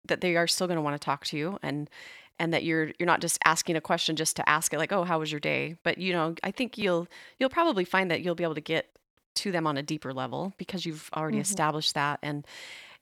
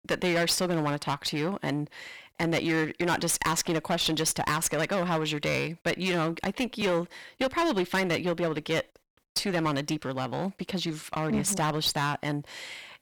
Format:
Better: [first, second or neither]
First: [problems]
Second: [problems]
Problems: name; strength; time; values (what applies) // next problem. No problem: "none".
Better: first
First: none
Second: distortion; heavy; 10% of the sound clipped